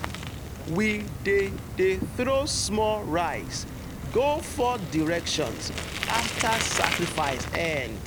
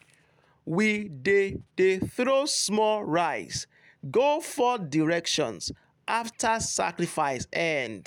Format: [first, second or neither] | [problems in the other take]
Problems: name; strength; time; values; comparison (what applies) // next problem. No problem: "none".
second | background sound (Bicycle); 5 dB below the speech